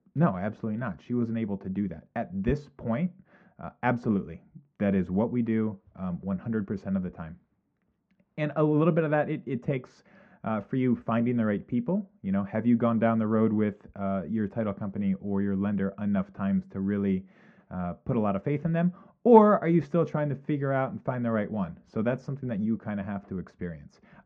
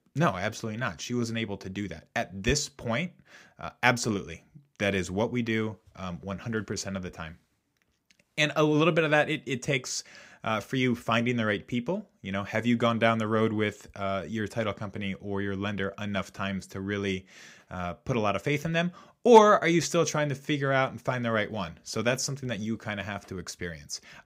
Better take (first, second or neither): second